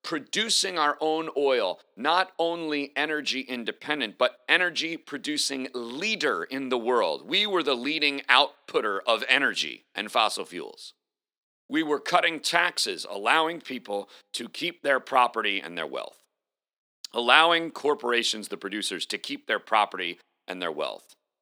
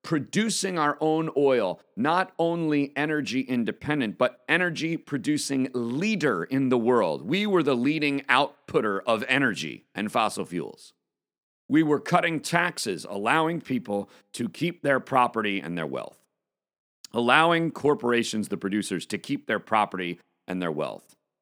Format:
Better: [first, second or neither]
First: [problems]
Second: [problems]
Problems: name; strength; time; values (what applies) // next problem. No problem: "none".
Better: second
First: thin; somewhat; fading below 450 Hz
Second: none